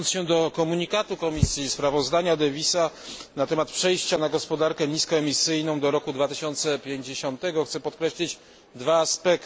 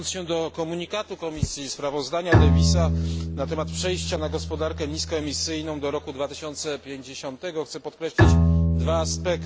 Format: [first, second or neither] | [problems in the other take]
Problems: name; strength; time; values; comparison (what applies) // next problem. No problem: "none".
first | background sound (Bowed string instrument); 4 dB above the speech